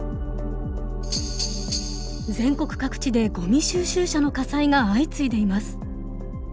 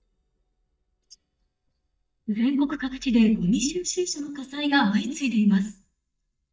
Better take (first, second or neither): first